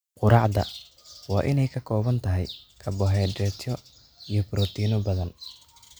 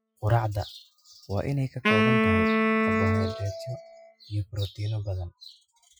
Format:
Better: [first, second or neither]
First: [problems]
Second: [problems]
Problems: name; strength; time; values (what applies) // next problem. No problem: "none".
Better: first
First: none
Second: noise reduction (classical method Wiener filter)